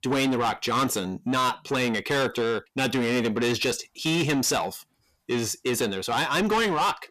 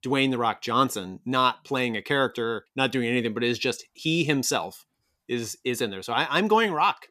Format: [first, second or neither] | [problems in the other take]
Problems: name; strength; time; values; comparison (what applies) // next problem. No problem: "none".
second | distortion; heavy; 6 dB below the speech